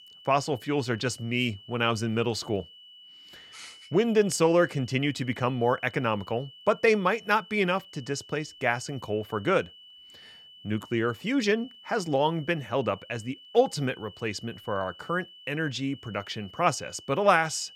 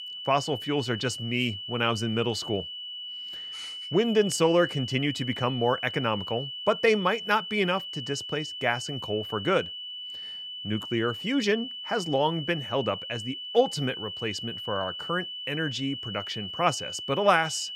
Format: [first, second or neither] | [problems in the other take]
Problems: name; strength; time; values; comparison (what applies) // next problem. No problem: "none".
first | high-pitched whine; loud; throughout; 3 kHz, 7 dB below the speech; faint in the first